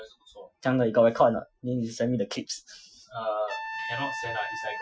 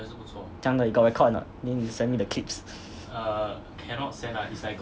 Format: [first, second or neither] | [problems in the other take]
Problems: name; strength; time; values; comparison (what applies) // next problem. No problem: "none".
second | noise reduction (classical method Wiener filter)